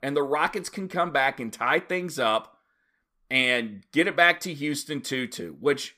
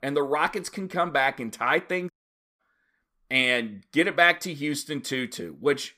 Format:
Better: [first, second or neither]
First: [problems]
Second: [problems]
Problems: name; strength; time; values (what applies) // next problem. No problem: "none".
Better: first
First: none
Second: audio cutting out; at 2 s